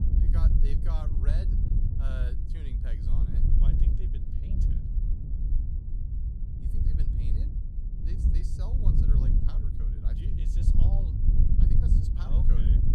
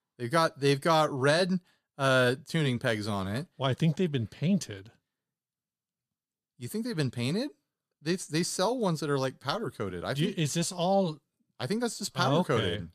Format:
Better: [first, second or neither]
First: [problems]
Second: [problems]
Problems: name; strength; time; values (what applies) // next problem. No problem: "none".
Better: second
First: wind noise on the microphone; heavy; 4 dB above the speech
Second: none